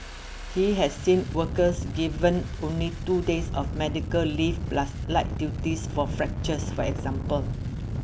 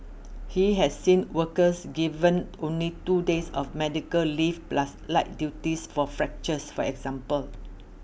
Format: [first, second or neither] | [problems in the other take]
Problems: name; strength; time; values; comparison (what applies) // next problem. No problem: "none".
second | background sound (Engine starting); 4 dB below the speech